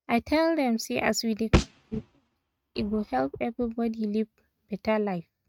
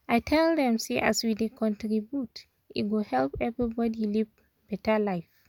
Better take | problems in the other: second | noise reduction (neural mask model RNNoise)

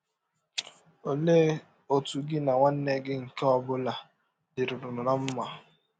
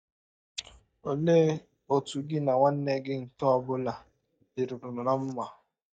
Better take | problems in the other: first | noise reduction (neural mask model DeepFilterNet 3)

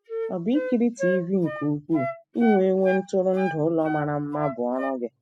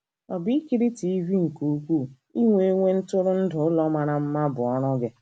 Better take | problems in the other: second | noise reduction (classical method spectral subtraction)

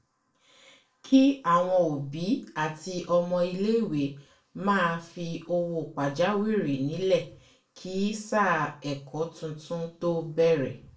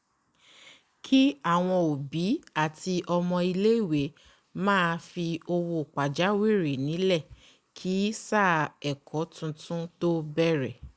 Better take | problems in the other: second | room echo; dies away in 0.3 s

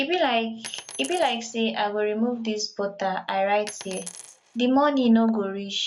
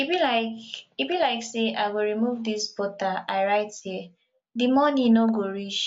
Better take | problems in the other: second | background sound (Coin (dropping)); 16 dB below the speech

